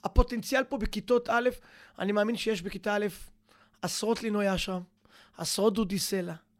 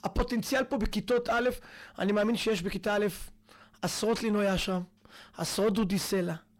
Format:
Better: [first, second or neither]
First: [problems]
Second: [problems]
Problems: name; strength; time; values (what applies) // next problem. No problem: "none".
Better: first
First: none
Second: distortion; heavy; 7 dB below the speech